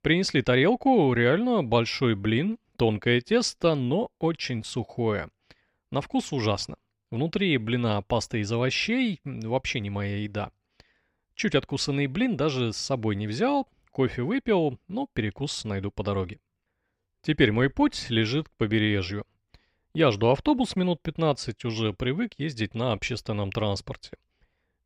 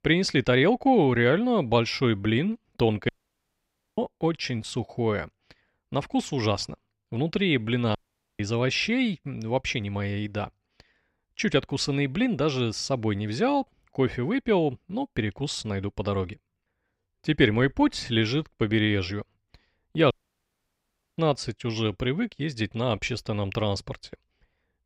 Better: first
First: none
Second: audio cutting out; at 3 s for 1 s, at 8 s and at 20 s for 1 s

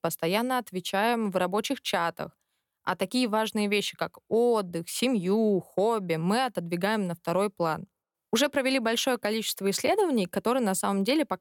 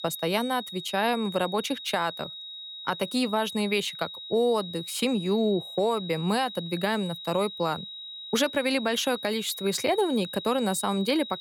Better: first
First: none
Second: high-pitched whine; loud; throughout; 4 kHz, 10 dB below the speech

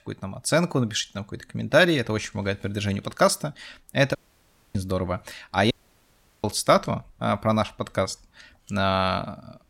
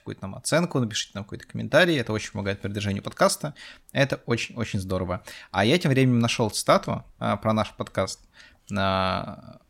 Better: second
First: audio cutting out; at 4 s for 0.5 s and at 5.5 s for 0.5 s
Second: none

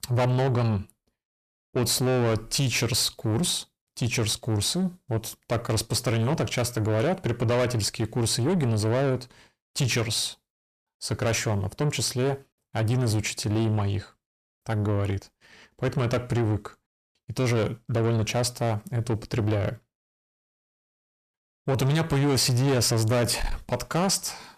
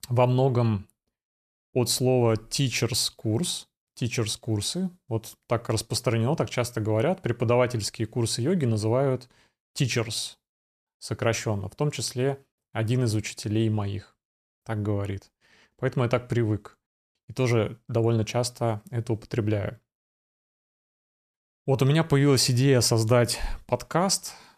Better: second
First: distortion; heavy; 8 dB below the speech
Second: none

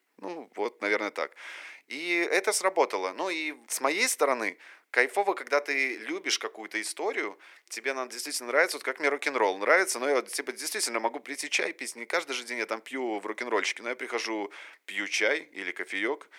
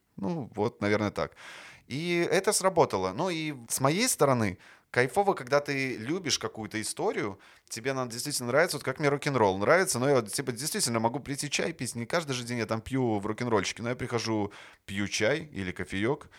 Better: second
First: thin; somewhat; fading below 300 Hz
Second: none

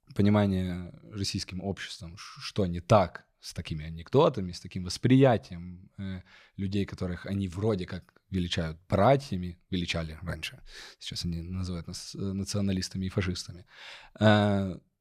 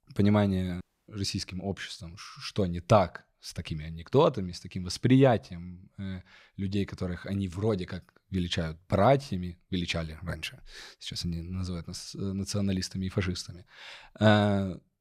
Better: first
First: none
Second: audio cutting out; at 1 s

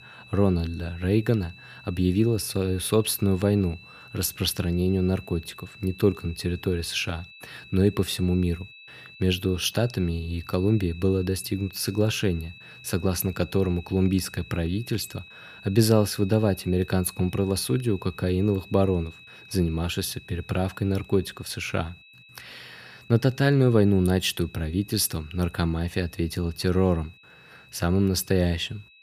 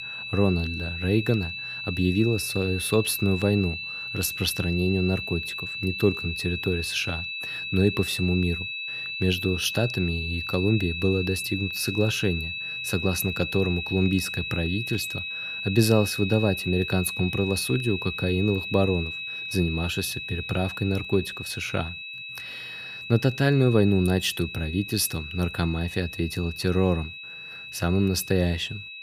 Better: first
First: high-pitched whine; faint; throughout; 2.5 kHz, 20 dB below the speech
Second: high-pitched whine; loud; throughout; 2.5 kHz, 6 dB below the speech

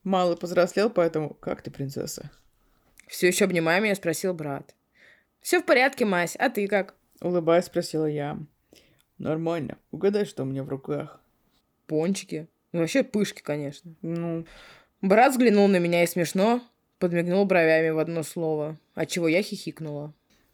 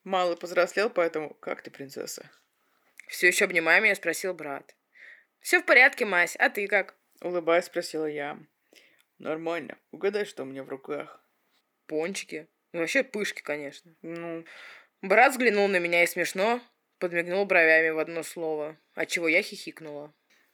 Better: first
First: none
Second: thin; somewhat; fading below 350 Hz

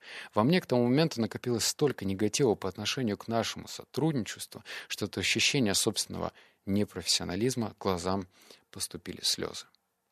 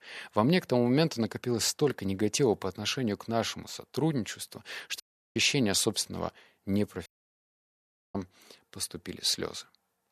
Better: first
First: none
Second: audio cutting out; at 5 s and at 7 s for 1 s

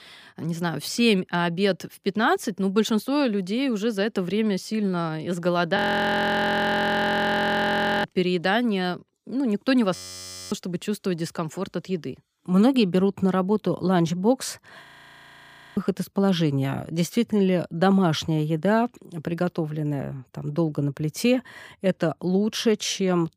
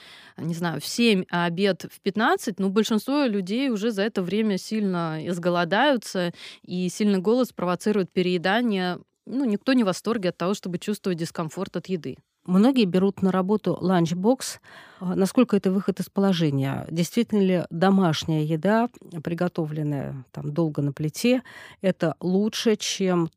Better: second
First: audio freezing; at 6 s for 2.5 s, at 10 s for 0.5 s and at 15 s for 1 s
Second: none

